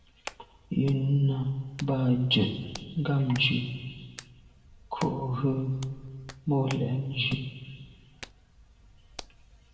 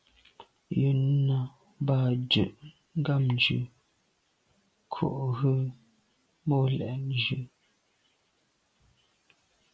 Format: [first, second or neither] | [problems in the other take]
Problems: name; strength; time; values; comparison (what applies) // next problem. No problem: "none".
second | background sound (Hands); 18 dB below the speech // room echo; dies away in 1.5 s